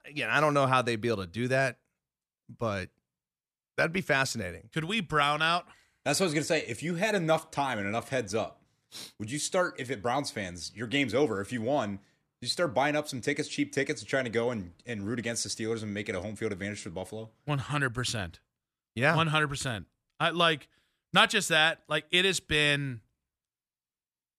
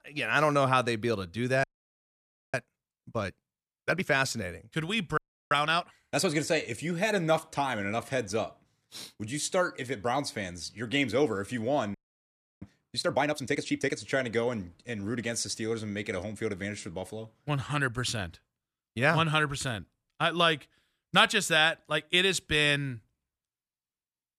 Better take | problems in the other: first | audio freezing; at 1.5 s for 1 s, at 5 s and at 12 s for 0.5 s

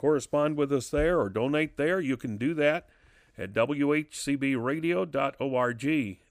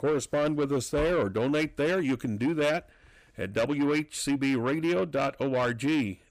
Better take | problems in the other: first | distortion; slight; 10 dB below the speech

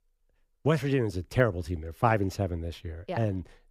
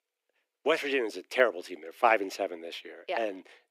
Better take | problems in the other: first | thin; very; fading below 300 Hz

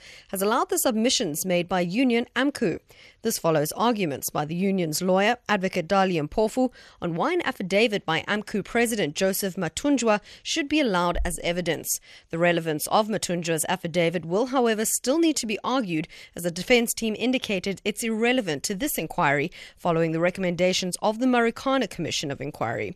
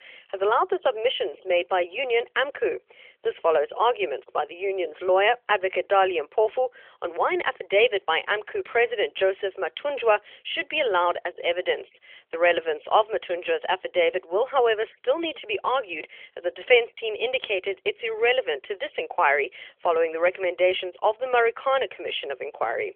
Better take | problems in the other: first | phone-call audio; nothing above 3.5 kHz

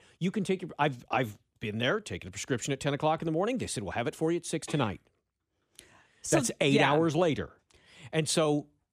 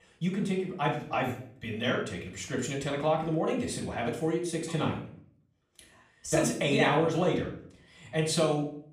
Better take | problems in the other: first | off-mic speech; far // room echo; slight; dies away in 0.5 s

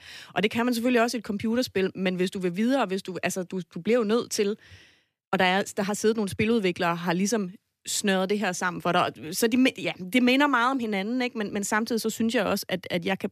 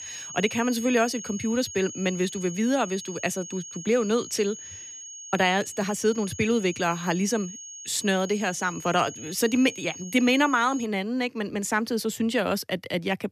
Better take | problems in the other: first | high-pitched whine; noticeable; until 11 s; 6.5 kHz, 10 dB below the speech

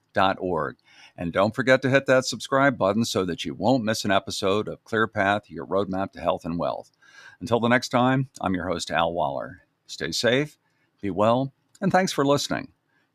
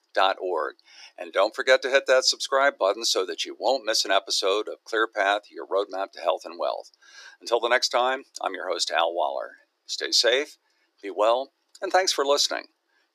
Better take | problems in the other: first | thin; very; fading below 350 Hz

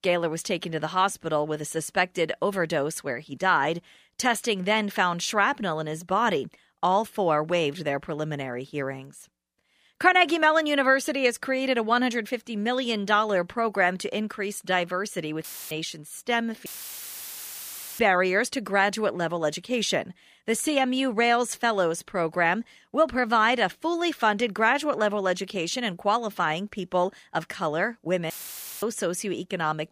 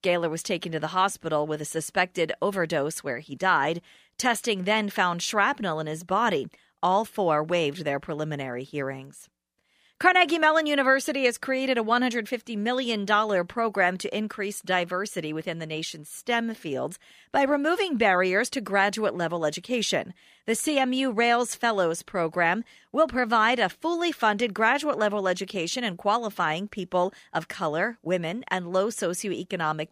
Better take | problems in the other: second | audio cutting out; filled with static; at 15 s, at 17 s for 1.5 s and at 28 s for 0.5 s

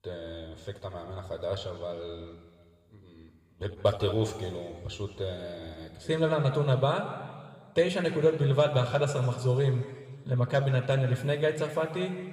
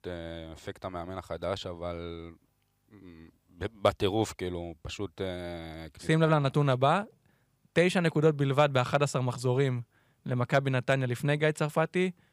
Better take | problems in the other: second | room echo; slight; dies away in 1.7 s

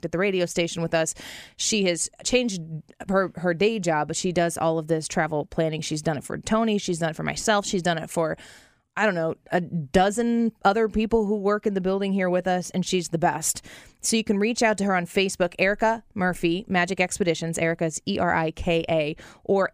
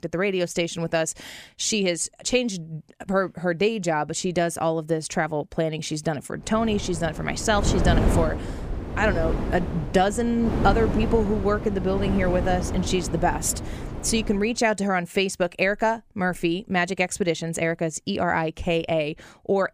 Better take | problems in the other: first | wind noise on the microphone; heavy; from 6.5 to 14 s; 9 dB below the speech

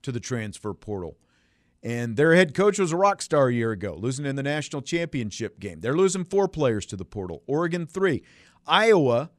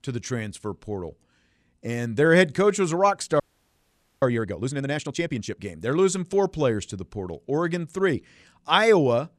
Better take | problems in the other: first | audio freezing; at 3.5 s for 1 s

